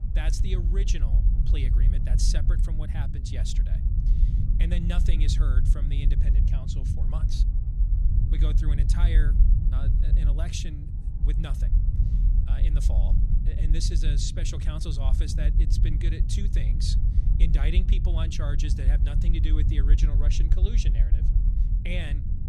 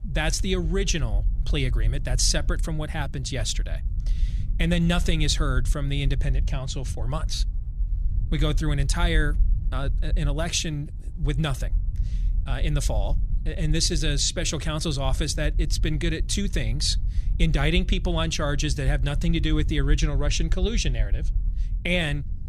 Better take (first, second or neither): second